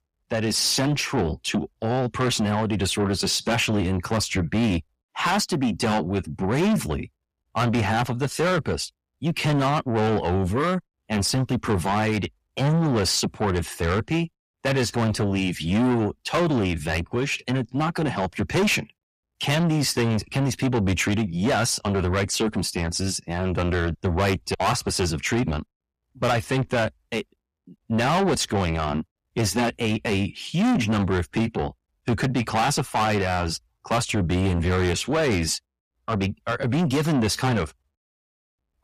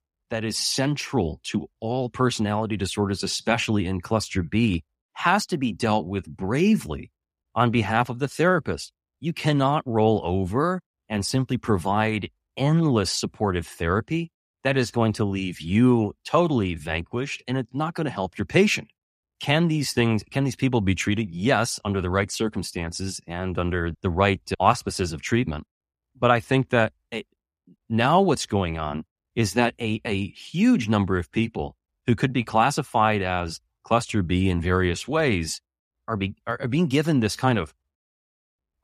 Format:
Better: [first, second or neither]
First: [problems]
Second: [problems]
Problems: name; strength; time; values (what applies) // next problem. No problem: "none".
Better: second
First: distortion; heavy; 5 dB below the speech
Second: none